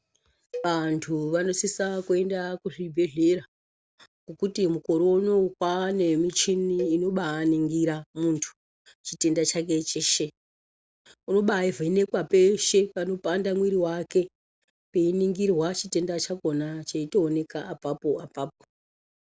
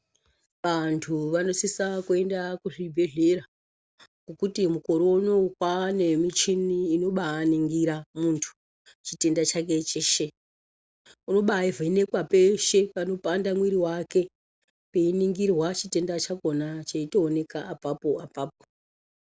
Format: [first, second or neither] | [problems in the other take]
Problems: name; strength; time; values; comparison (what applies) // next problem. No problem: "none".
second | background sound (Cowbell); 17 dB below the speech